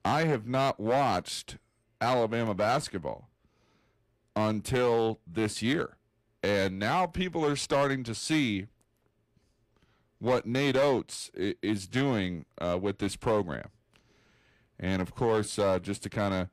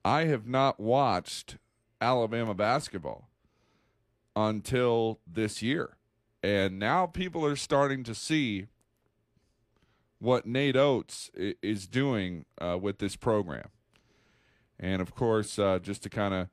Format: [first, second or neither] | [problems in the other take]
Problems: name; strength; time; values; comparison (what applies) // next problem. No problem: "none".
second | distortion; slight; 5% of the sound clipped